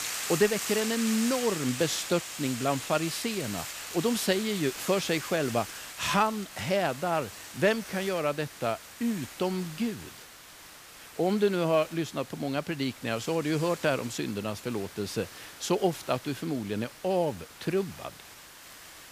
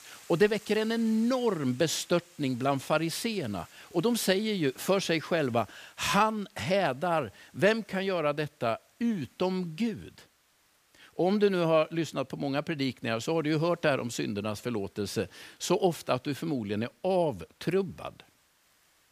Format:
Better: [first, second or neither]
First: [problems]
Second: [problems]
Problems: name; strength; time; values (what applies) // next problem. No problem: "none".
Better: second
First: hiss; loud; throughout; 9 dB below the speech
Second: hiss; faint; throughout; 30 dB below the speech